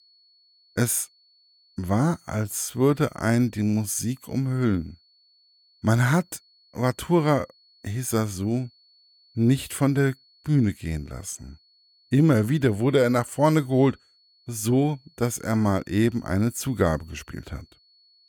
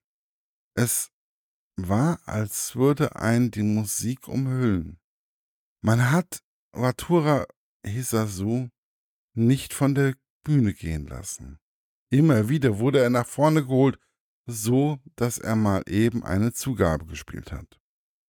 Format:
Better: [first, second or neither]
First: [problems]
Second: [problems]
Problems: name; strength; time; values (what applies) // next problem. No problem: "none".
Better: second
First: high-pitched whine; faint; throughout; 4.5 kHz, 35 dB below the speech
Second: none